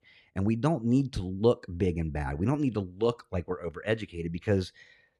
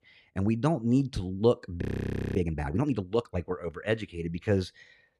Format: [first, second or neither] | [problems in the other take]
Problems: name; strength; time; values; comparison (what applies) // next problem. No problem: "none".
first | audio freezing; at 2 s for 0.5 s